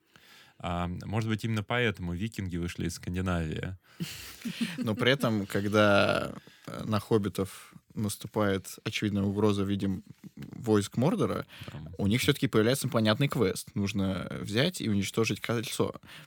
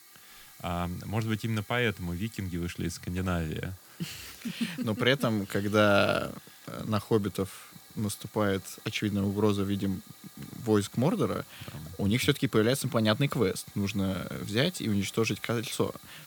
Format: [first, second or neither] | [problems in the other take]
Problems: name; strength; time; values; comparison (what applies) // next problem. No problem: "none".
first | hiss; faint; throughout; 20 dB below the speech